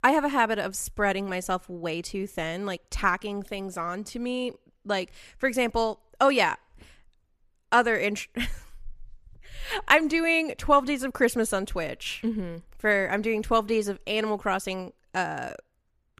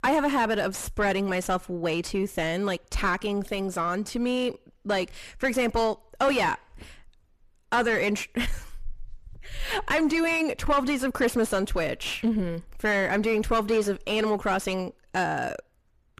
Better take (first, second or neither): first